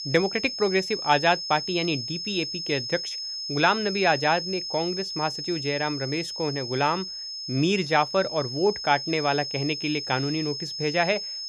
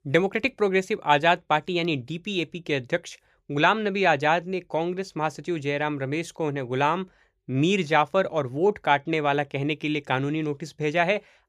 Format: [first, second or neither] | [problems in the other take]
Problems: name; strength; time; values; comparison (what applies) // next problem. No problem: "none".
second | high-pitched whine; loud; throughout; 5 kHz, 5 dB below the speech